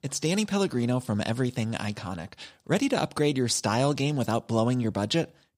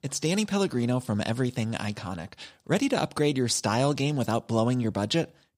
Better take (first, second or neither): neither